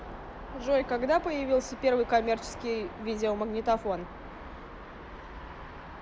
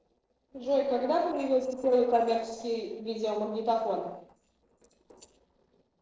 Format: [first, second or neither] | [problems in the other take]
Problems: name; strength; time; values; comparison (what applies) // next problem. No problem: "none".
first | noise reduction (neural separator model SepFormer DNS4)